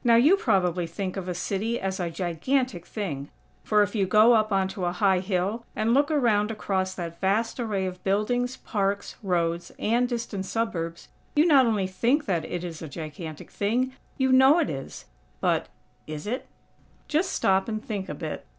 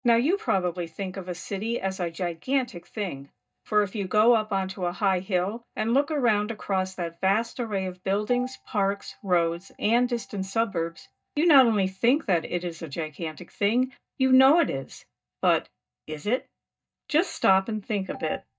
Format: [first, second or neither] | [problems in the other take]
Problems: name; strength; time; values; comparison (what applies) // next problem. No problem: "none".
first | noise reduction (neural mask model DeepFilterNet 3)